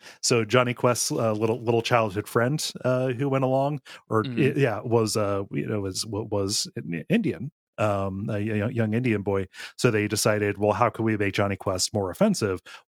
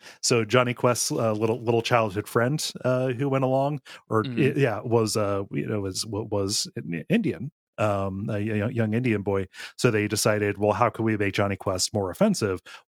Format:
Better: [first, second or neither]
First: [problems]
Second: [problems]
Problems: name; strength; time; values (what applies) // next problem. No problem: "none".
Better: neither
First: none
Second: none